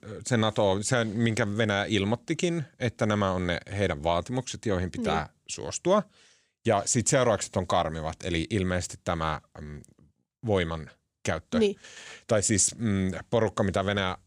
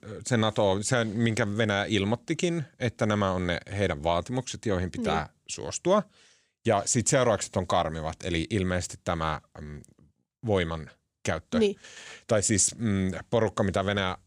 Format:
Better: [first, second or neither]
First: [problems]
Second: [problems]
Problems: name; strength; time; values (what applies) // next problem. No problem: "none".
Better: neither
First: none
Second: none